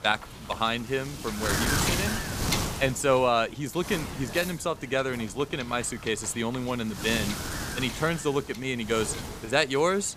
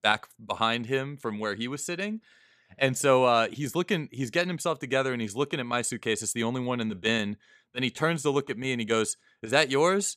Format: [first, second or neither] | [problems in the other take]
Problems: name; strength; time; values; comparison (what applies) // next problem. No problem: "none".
second | wind noise on the microphone; heavy; 5 dB below the speech